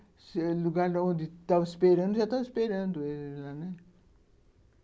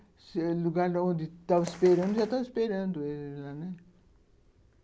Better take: first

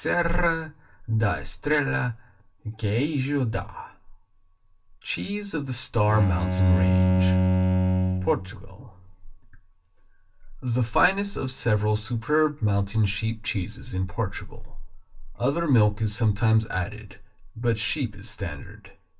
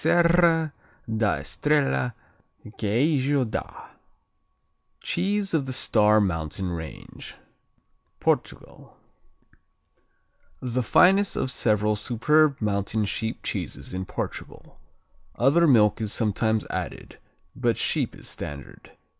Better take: second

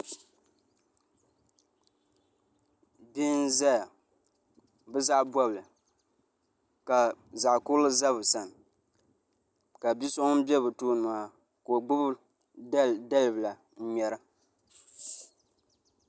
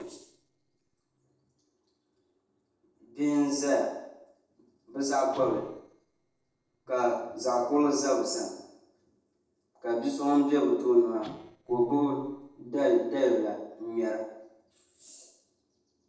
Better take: first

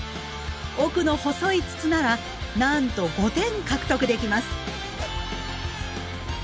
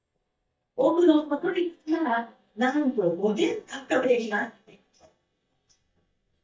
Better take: first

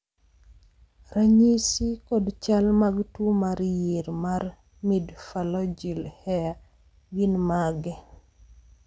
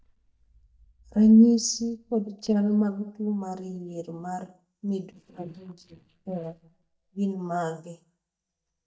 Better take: first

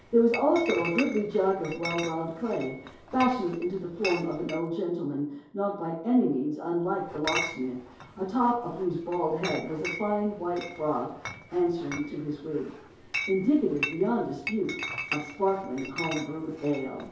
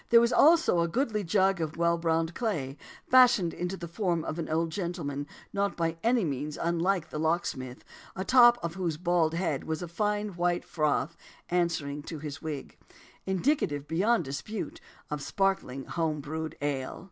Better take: second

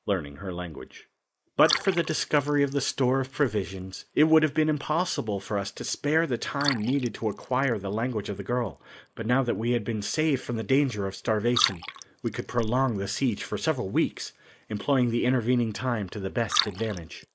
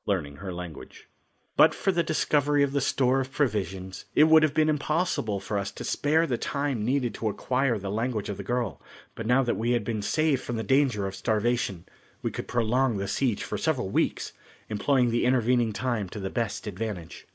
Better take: second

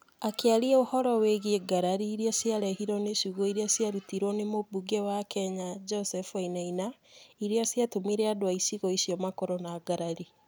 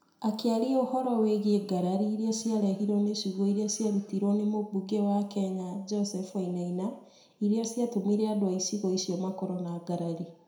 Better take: first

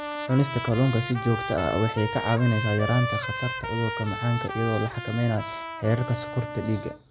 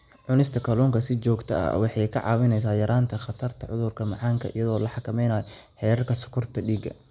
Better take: second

